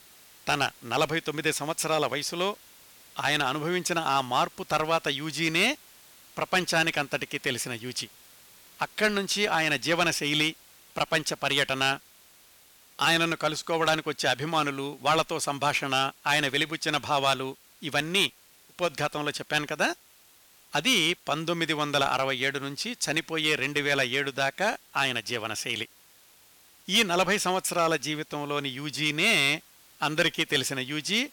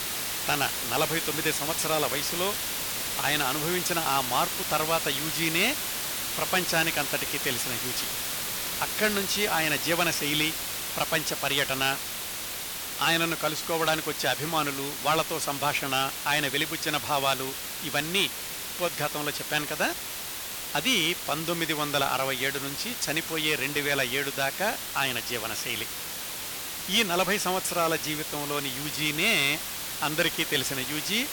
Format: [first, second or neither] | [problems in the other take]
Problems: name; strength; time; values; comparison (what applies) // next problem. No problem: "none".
first | hiss; loud; throughout; 3 dB below the speech; faint in the first